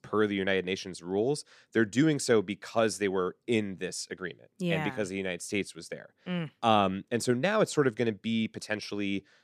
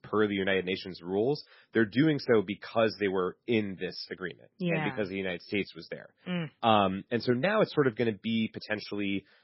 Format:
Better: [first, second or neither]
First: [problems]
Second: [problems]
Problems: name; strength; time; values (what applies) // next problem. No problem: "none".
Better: first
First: none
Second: garbled, watery; badly; nothing above 5.5 kHz